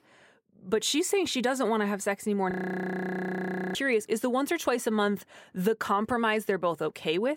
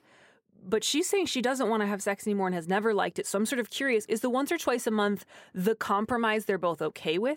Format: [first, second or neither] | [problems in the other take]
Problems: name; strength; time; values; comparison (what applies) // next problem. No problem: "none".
second | audio freezing; at 2.5 s for 1 s